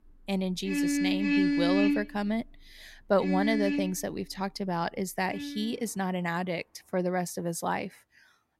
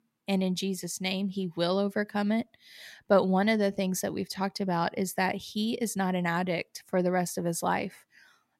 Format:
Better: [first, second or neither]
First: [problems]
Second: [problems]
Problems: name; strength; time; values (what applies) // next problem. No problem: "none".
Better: second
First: traffic noise; very loud; throughout; 2 dB above the speech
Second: none